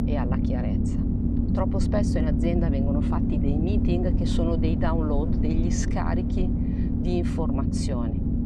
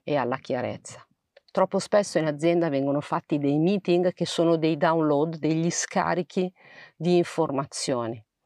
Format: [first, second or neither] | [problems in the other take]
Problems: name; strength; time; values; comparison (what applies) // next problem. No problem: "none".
second | low rumble; loud; throughout; as loud as the speech